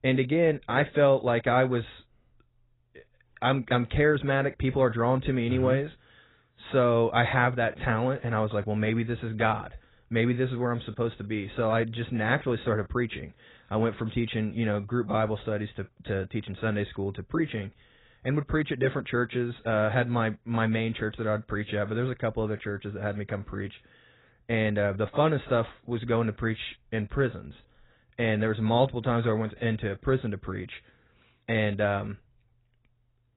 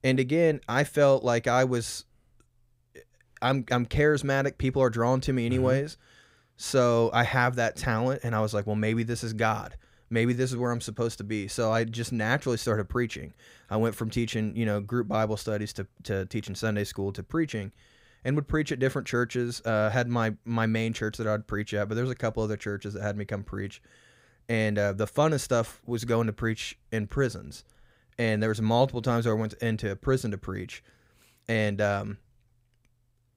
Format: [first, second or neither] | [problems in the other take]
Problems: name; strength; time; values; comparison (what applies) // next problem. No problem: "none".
second | garbled, watery; badly; nothing above 4 kHz